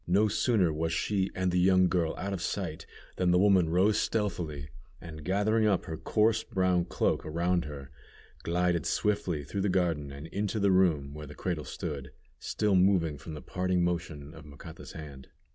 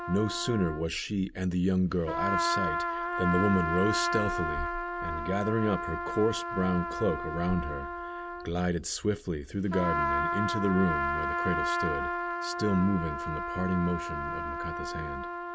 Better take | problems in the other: first | background sound (Trumpet); 2 dB below the speech

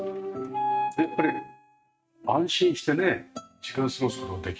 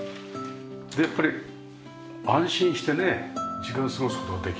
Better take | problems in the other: second | noise reduction (neural mask model RNNoise)

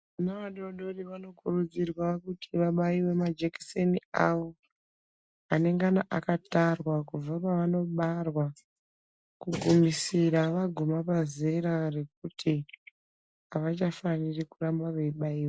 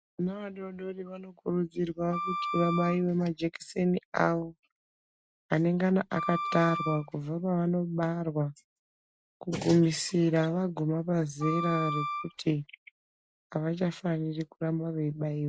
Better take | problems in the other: first | background sound (Wind instrument, woodwind instrument); 6 dB below the speech

